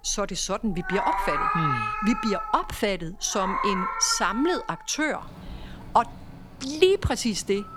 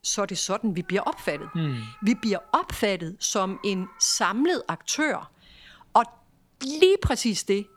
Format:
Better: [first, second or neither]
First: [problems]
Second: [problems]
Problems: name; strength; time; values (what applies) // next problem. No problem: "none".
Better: second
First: animal sounds; loud; throughout; 3 dB below the speech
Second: animal sounds; faint; throughout; 25 dB below the speech